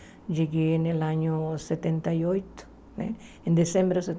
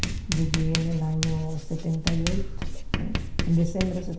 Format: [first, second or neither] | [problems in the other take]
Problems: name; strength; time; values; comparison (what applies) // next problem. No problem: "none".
first | background sound (Writing); 1 dB below the speech // room echo; dies away in 0.5 s